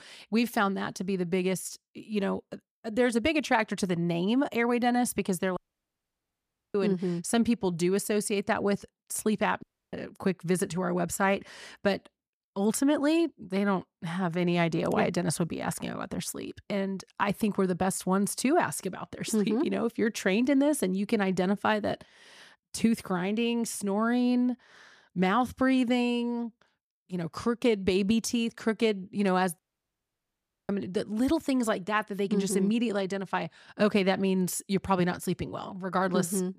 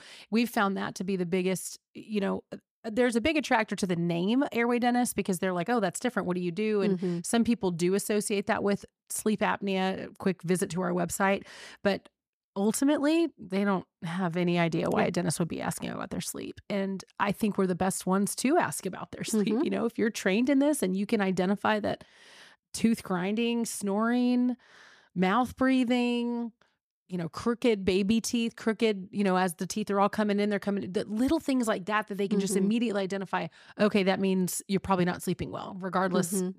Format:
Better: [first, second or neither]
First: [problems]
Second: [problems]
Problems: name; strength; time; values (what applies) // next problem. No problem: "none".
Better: second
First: audio cutting out; at 5.5 s for 1 s, at 9.5 s and at 30 s for 1 s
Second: none